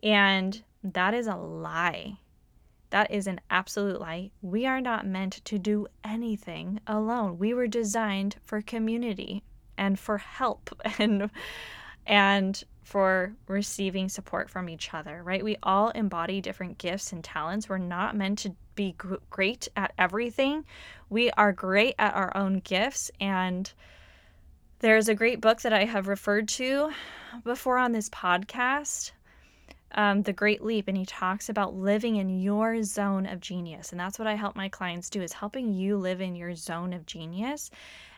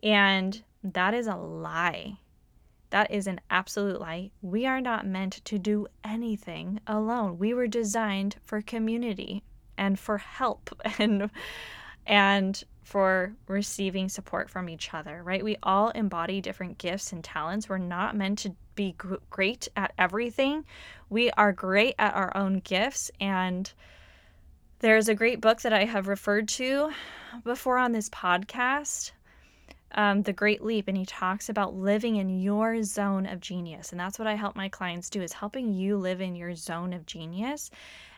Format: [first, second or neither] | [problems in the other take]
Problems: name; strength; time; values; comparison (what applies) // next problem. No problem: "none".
neither | none